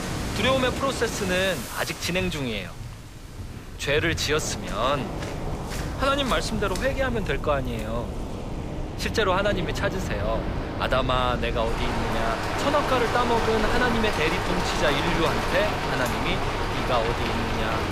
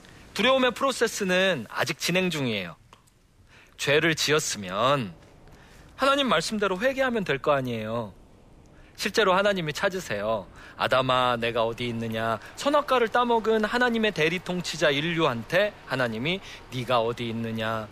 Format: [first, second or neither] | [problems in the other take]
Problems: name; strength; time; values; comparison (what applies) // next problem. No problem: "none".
second | rain or running water; loud; throughout; 3 dB below the speech; faint in the second